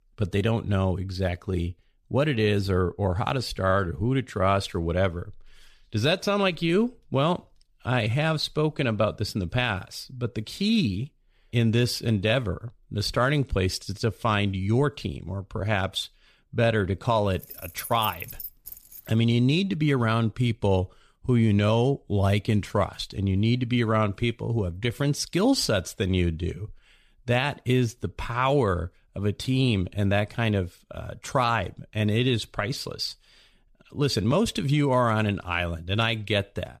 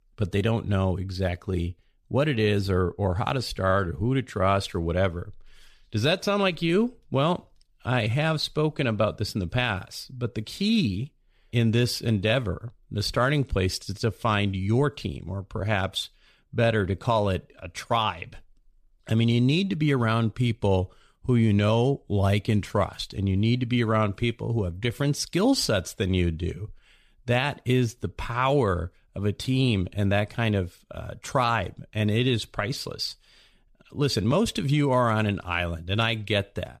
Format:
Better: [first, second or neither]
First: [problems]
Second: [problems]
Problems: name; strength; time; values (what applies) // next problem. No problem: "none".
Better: second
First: jangling keys; noticeable; from 17 to 19 s; peak 10 dB below the speech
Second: none